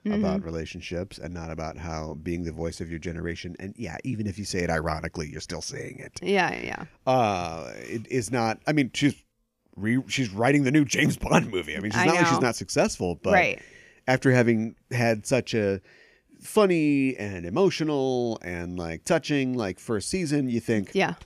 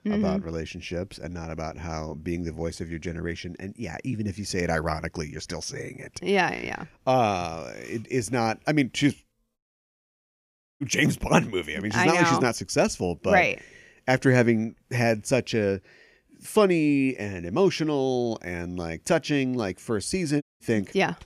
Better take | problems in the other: first | audio cutting out; at 9.5 s for 1 s and at 20 s

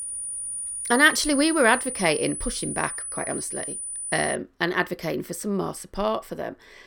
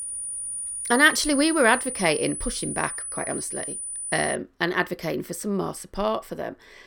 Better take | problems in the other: neither | high-pitched whine; loud; until 4.5 s; 9.5 kHz, 5 dB below the speech; the same in both

